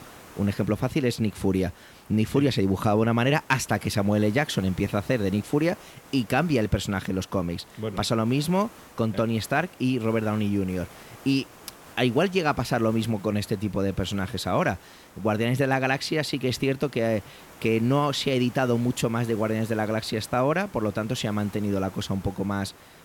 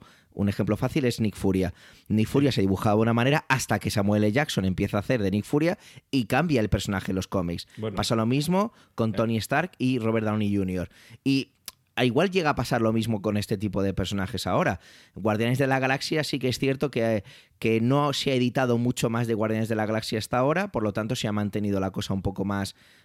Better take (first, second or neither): second